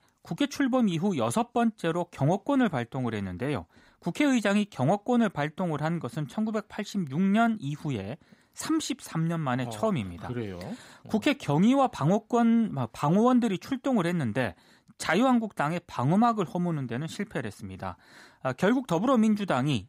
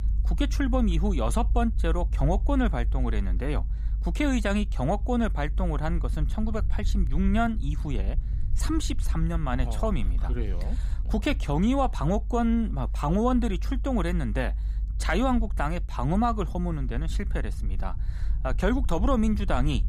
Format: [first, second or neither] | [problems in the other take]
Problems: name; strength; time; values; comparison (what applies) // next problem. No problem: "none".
first | low rumble; faint; throughout; 20 dB below the speech